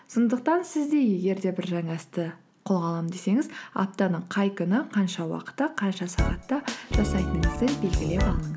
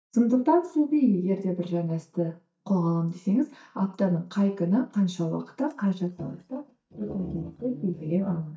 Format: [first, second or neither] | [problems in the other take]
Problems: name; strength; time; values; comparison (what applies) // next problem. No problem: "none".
first | noise reduction (neural mask model DeepFilterNet 3)